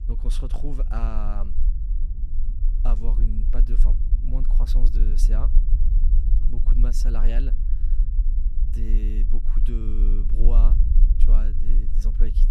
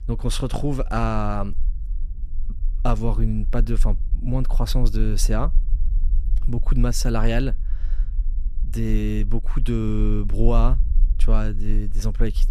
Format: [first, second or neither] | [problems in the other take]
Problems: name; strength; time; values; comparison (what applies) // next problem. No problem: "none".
second | low rumble; loud; throughout; 7 dB below the speech; faint in the second